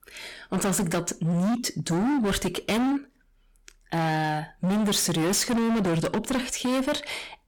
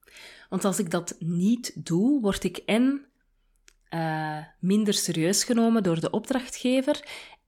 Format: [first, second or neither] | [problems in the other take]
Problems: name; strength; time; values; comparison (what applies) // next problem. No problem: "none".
second | distortion; heavy; 28% of the sound clipped